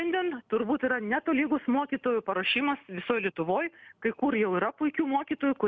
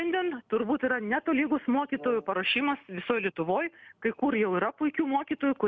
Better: first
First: none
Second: background sound (Brass instrument); 19 dB below the speech

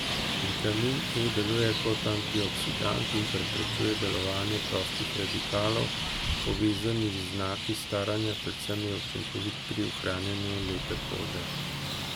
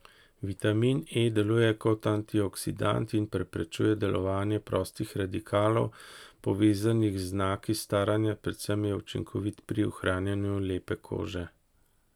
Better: second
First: background sound (Traffic noise, roadway noise); 1 dB below the speech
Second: none

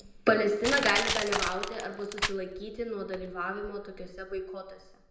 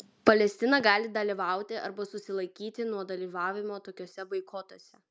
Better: second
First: background sound (Crushing); 5 dB below the speech // room echo; dies away in 0.8 s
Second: none

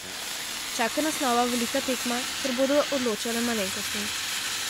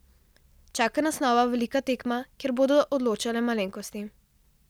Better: second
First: background sound (Fire); 3 dB below the speech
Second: none

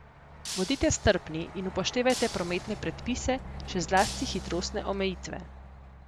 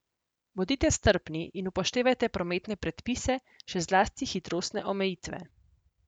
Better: second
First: background sound (Truck + Shatter); 10 dB below the speech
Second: none

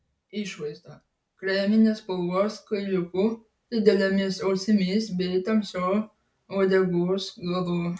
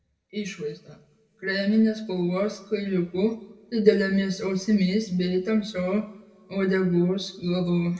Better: first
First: none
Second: room echo; dies away in 1 s

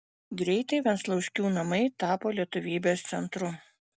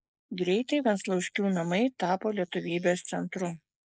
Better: first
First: none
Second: noise reduction (neural mask model Resemble Enhance denoiser)

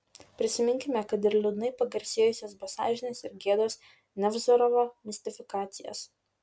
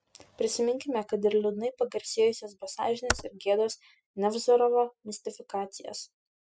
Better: first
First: none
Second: noise reduction (classical method spectral subtraction)

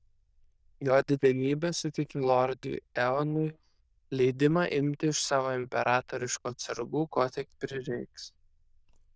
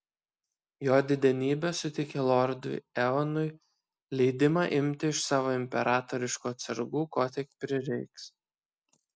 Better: second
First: noise reduction (neural diffusion model UNIVERSE++)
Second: none

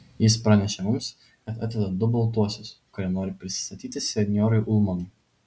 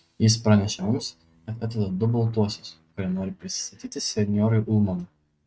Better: first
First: none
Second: noise reduction (neural mask model RNNoise)

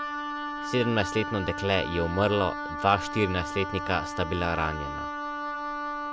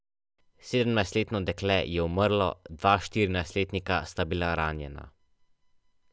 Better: second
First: background sound (Wind instrument, woodwind instrument); 5 dB below the speech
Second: none

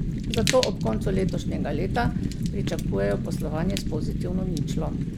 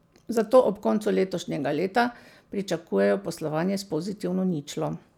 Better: second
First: background sound (Fire); 2 dB above the speech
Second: none

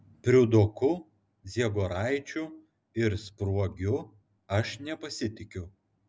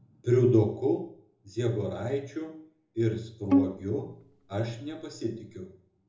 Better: first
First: none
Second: background sound (Bowed string instrument); 2 dB below the speech // room echo; dies away in 0.6 s

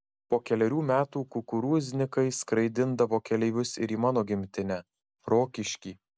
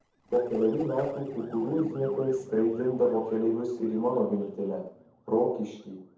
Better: first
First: none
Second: noise reduction (neural separator model SepFormer DNS4)

